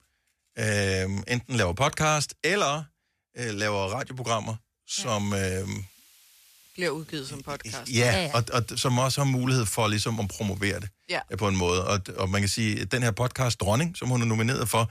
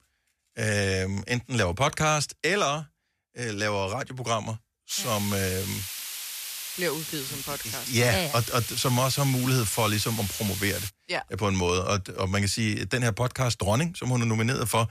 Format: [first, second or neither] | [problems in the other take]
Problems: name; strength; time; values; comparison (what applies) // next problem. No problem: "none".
first | hiss; loud; from 5 to 11 s; 6 dB below the speech; faint in the first